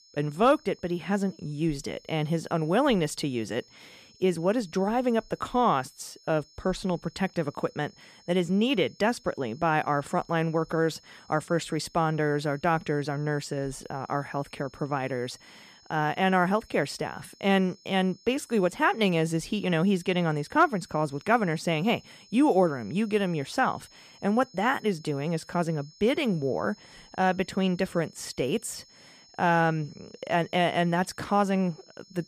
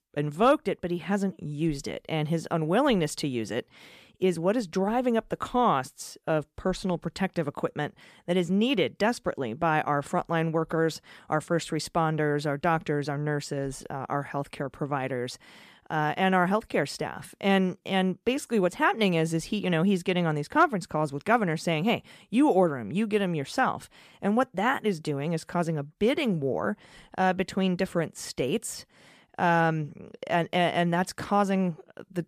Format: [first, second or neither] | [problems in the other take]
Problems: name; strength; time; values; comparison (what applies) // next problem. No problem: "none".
second | high-pitched whine; faint; throughout; 5.5 kHz, 25 dB below the speech